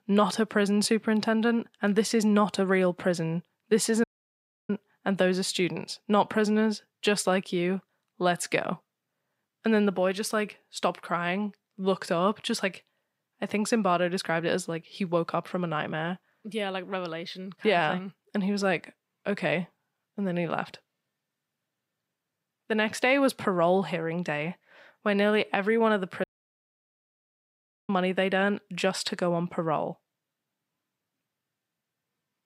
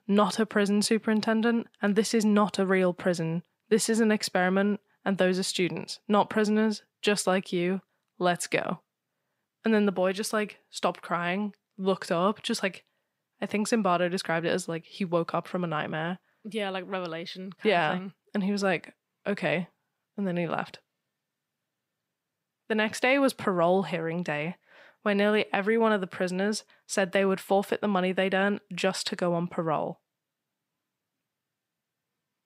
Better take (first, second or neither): second